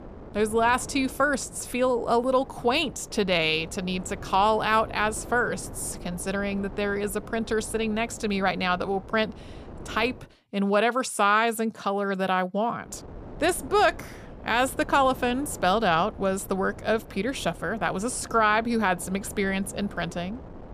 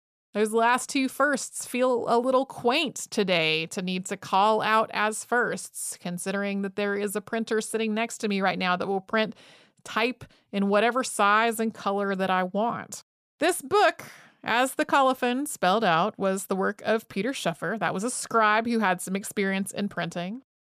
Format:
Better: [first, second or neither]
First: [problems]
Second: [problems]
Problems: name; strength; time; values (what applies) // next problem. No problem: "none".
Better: second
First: wind noise on the microphone; occasional gusts; until 10 s and from 13 s on; 20 dB below the speech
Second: none